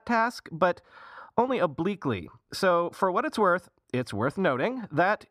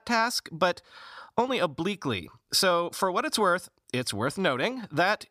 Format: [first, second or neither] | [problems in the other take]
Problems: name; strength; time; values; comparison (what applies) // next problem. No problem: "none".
second | muffled; slightly; fading above 2.5 kHz